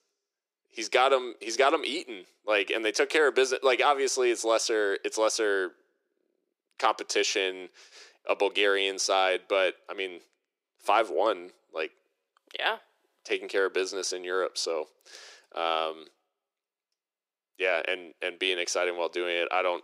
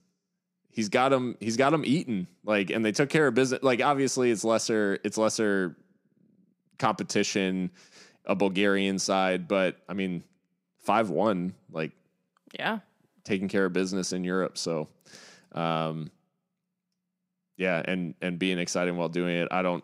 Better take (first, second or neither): second